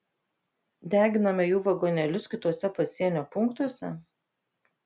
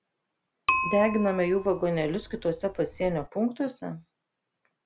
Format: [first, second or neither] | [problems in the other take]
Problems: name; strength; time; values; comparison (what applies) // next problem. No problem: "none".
first | background sound (Bicycle); 5 dB below the speech